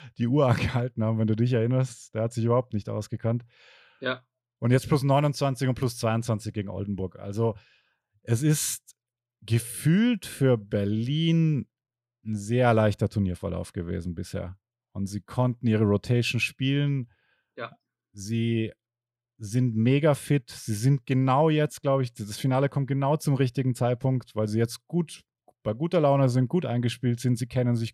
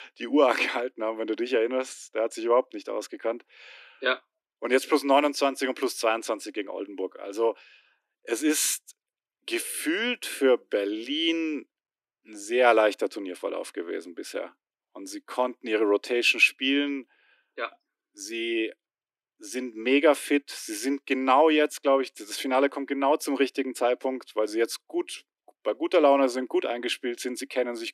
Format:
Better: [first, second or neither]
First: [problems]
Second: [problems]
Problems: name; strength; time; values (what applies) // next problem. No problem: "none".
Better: first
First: none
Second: thin; somewhat; fading below 300 Hz